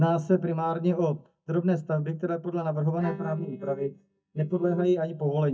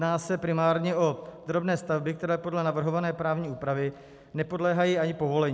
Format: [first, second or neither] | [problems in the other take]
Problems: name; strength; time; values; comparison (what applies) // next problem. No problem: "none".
second | noise reduction (neural mask model DeepFilterNet 3)